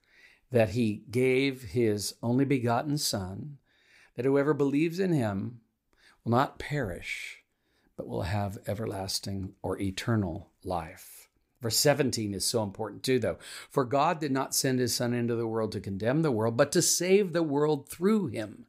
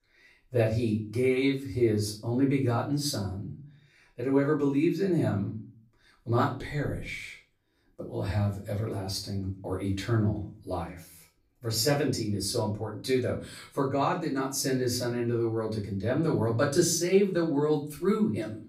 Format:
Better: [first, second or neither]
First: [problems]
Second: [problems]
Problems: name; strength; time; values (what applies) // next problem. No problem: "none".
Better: first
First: none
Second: off-mic speech; far // room echo; slight; dies away in 0.4 s